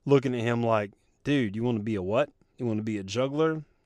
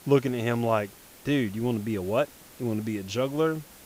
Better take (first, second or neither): first